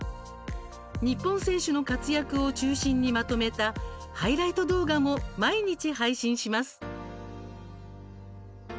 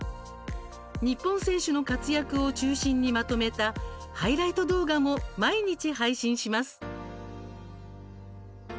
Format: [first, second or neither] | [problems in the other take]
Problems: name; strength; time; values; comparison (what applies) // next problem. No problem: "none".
second | background sound (Ringtone); 14 dB below the speech